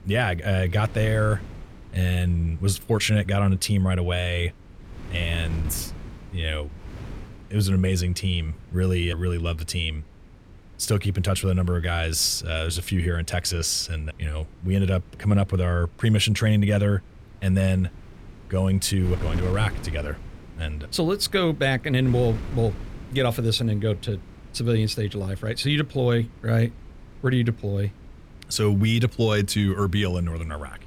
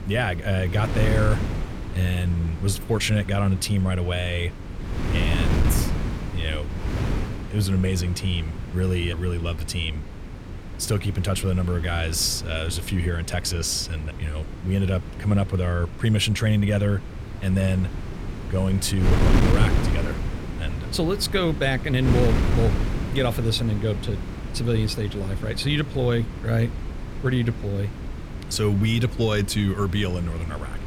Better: first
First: wind noise on the microphone; occasional gusts; 20 dB below the speech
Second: wind noise on the microphone; heavy; 8 dB below the speech

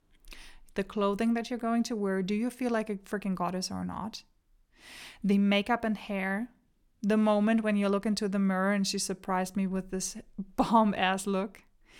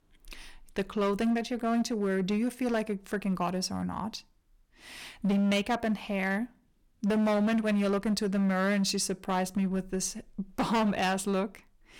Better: first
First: none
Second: distortion; slight; 11% of the sound clipped

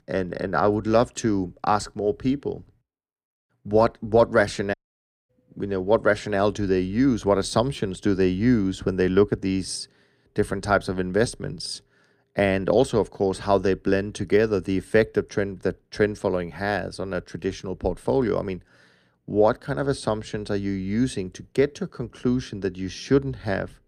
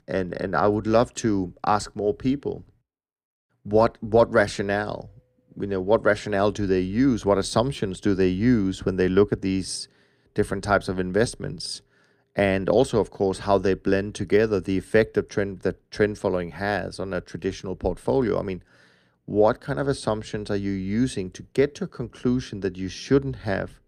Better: second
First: audio cutting out; at 4.5 s for 0.5 s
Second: none

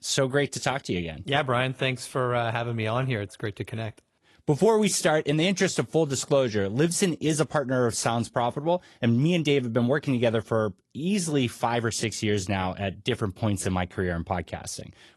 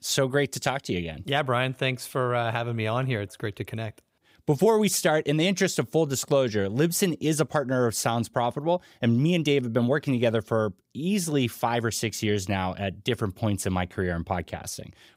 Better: second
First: garbled, watery; slightly; nothing above 11.5 kHz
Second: none

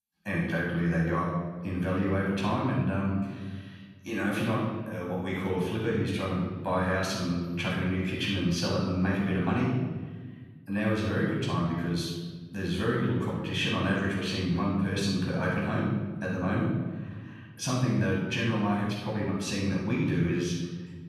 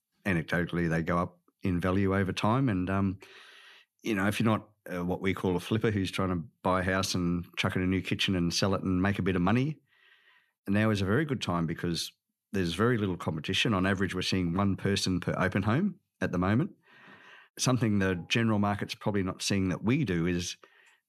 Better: second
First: room echo; strong; dies away in 1.3 s // off-mic speech; far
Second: none

